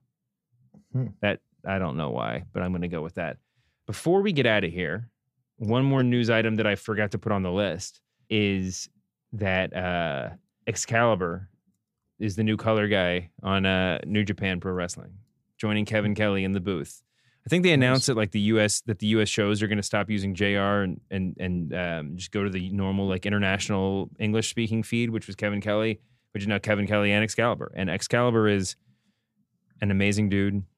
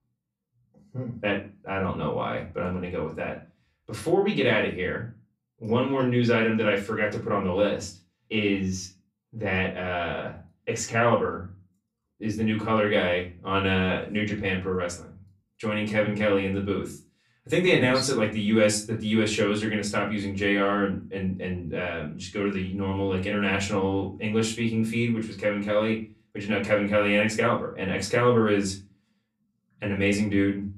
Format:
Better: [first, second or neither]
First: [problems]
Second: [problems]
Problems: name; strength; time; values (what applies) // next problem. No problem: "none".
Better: first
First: none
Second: off-mic speech; far // room echo; very slight; dies away in 0.3 s